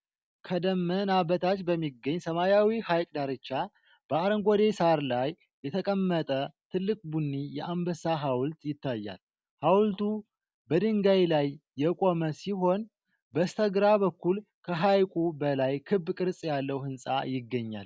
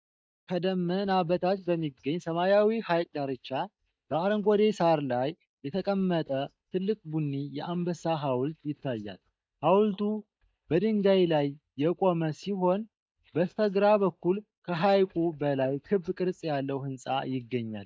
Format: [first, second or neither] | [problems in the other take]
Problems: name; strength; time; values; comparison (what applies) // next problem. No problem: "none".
first | noise reduction (neural mask model DeepFilterNet 3)